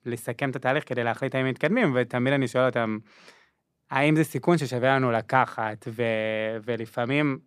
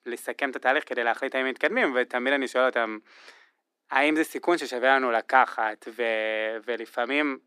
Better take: first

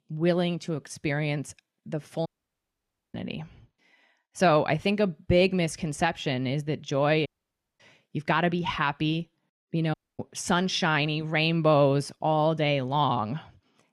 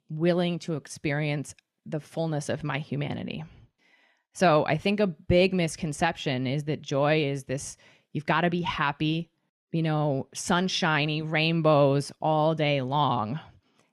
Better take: second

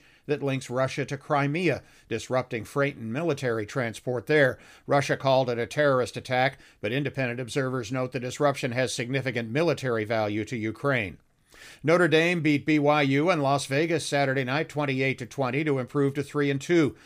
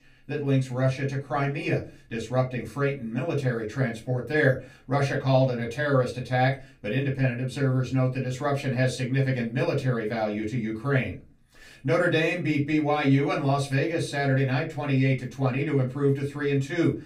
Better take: first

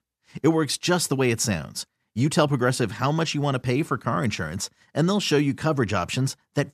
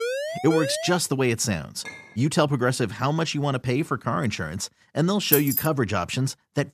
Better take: first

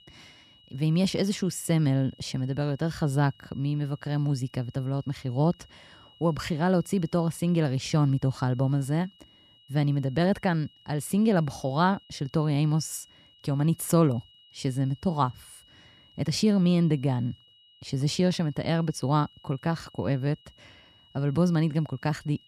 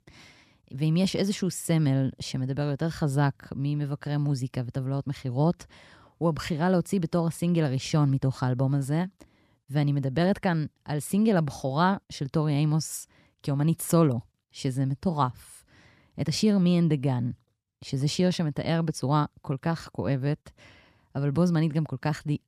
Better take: second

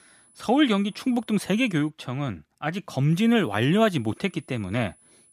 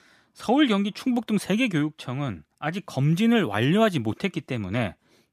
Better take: second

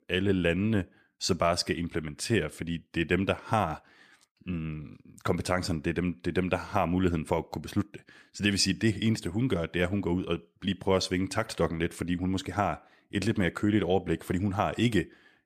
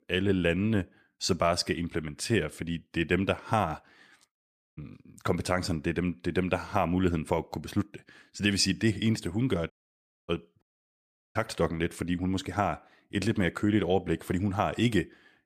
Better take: first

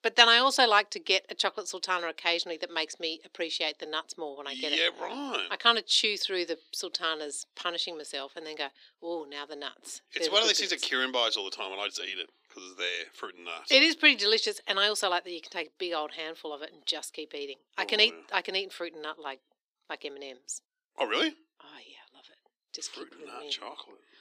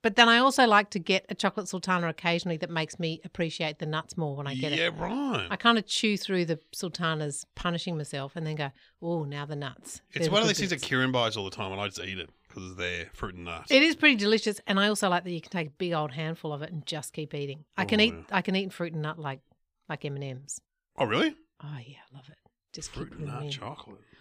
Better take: second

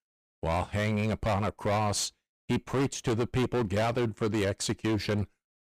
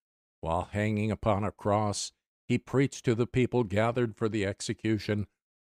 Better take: second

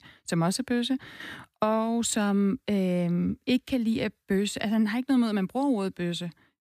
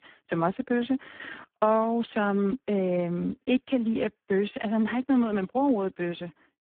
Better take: first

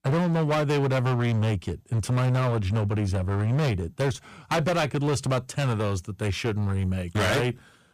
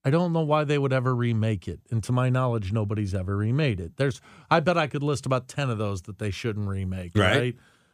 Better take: second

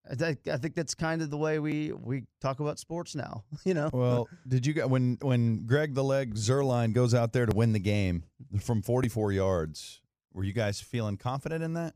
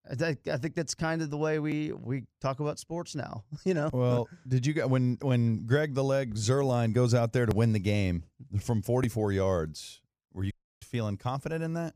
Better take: first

